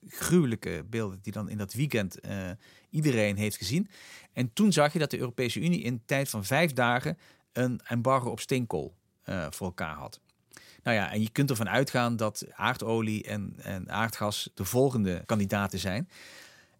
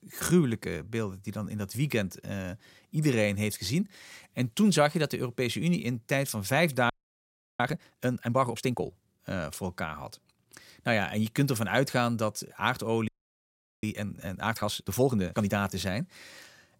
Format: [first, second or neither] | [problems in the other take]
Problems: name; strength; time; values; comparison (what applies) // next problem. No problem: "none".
first | audio freezing; at 7 s for 0.5 s and at 13 s for 1 s